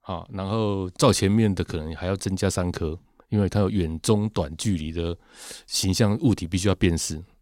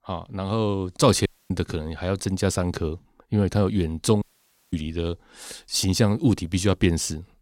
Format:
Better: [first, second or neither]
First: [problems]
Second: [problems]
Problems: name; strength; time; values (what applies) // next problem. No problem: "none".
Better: first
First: none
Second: audio cutting out; at 1.5 s and at 4 s for 0.5 s